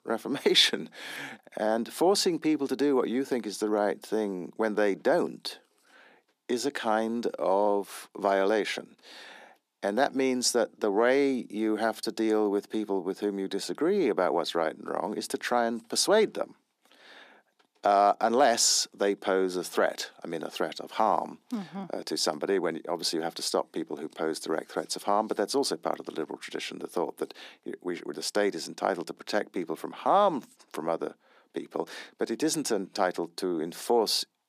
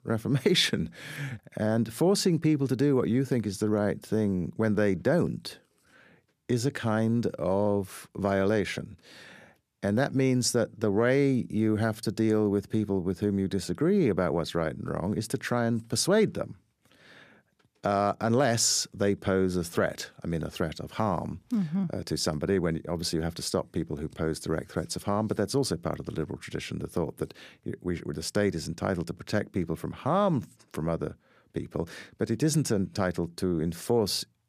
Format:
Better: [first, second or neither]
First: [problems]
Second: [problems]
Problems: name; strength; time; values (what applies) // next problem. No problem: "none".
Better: second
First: thin; somewhat; fading below 250 Hz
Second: none